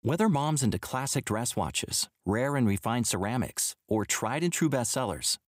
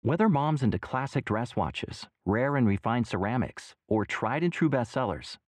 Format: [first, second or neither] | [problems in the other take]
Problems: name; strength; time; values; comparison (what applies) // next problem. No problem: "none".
first | muffled; very; fading above 2 kHz